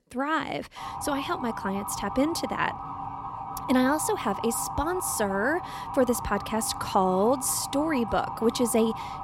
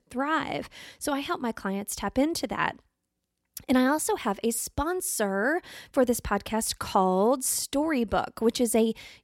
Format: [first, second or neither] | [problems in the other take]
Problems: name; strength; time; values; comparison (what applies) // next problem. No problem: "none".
second | siren; noticeable; from 1 s on; peak 7 dB below the speech